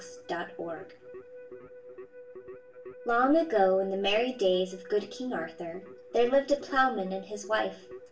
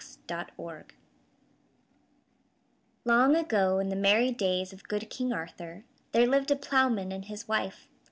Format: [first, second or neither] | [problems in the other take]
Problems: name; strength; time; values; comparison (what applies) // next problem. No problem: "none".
second | background sound (Keyboard (musical)); 17 dB below the speech // room echo; dies away in 0.3 s